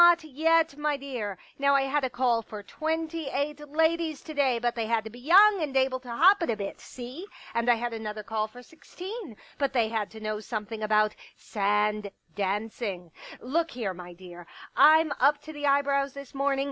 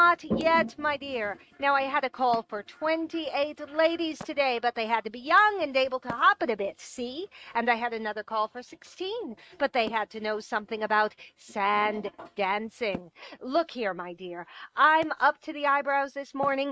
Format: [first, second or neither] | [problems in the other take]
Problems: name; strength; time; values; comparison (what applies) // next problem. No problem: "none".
first | noise reduction (neural mask model RNNoise)